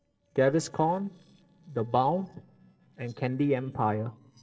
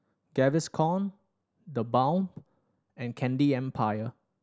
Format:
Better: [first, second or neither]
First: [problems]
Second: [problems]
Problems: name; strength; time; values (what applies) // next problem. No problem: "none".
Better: second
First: noise reduction (neural separator model SepFormer DNS4)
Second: none